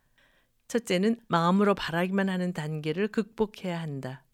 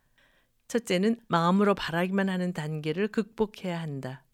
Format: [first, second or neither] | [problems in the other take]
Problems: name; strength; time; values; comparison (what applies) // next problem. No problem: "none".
neither | none